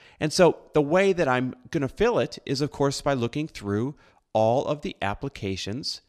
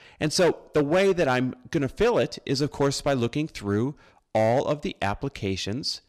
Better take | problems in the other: first | distortion; slight; 5% of the sound clipped

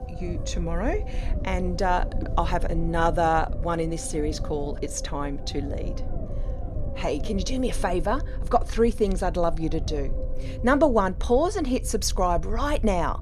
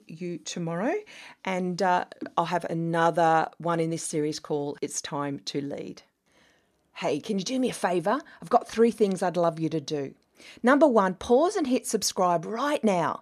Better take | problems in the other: second | low rumble; noticeable; throughout; 15 dB below the speech

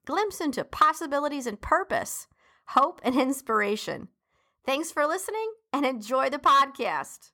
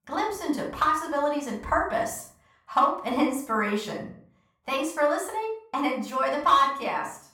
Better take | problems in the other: first | off-mic speech; far // room echo; noticeable; dies away in 0.4 s

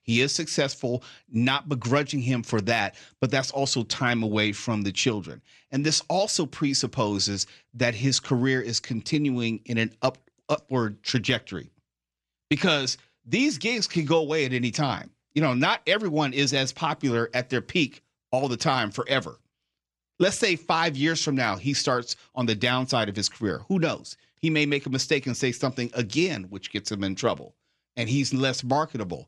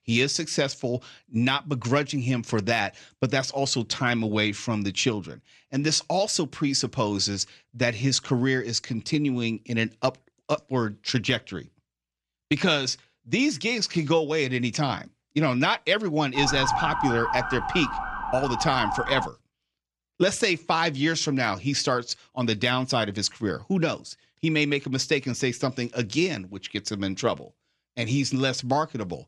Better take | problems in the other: first | siren; noticeable; from 16 to 19 s; peak level with the speech

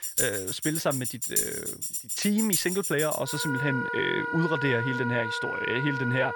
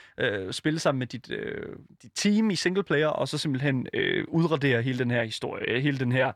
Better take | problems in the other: second | background music; loud; throughout; 1 dB below the speech

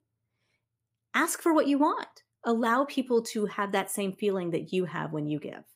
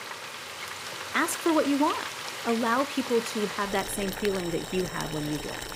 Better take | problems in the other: first | household noises; loud; throughout; 6 dB below the speech

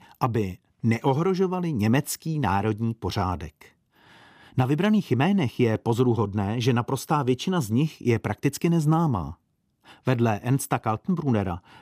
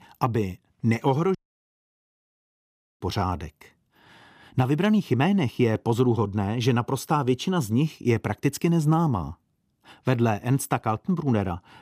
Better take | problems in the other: first | audio cutting out; at 1.5 s for 1.5 s

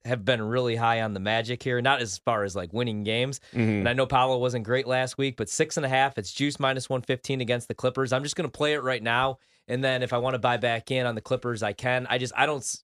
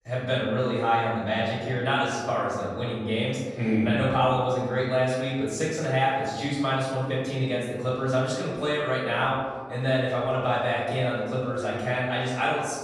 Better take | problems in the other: first | off-mic speech; far // room echo; strong; dies away in 1.5 s

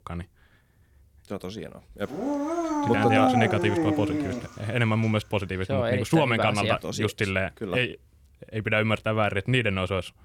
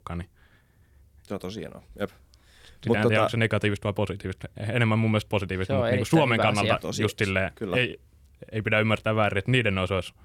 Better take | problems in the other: second | dog barking; loud; from 2 to 4.5 s; peak 3 dB above the speech

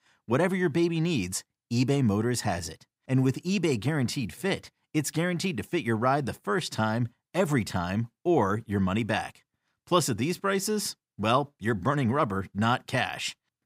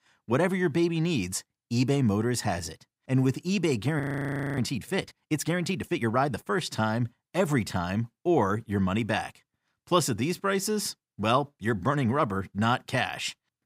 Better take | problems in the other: first | audio freezing; at 4 s for 0.5 s

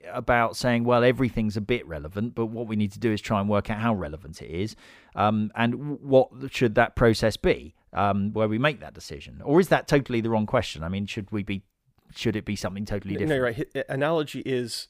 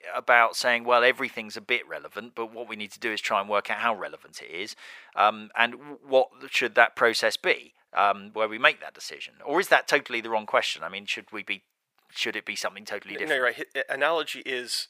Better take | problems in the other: first | thin; very; fading below 650 Hz

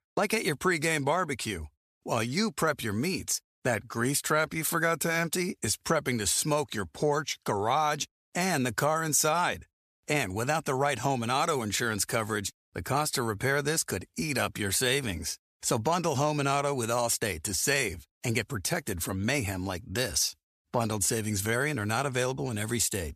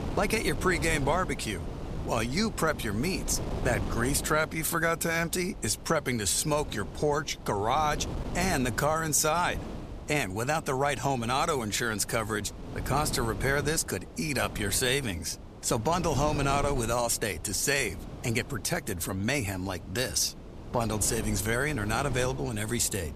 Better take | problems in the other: first | wind noise on the microphone; occasional gusts; 15 dB below the speech

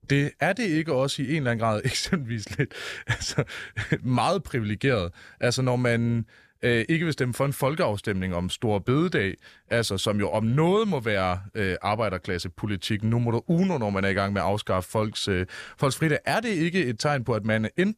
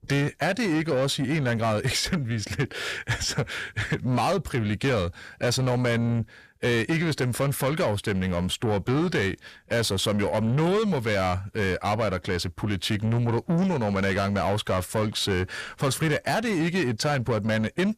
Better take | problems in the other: first | distortion; slight; 10 dB below the speech

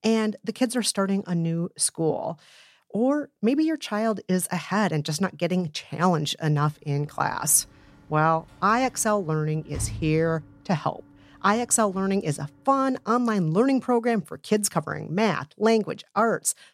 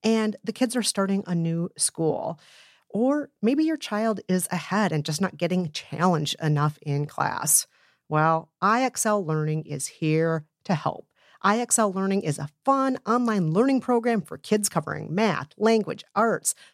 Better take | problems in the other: second | door banging; noticeable; from 9.5 to 12 s; peak 9 dB below the speech

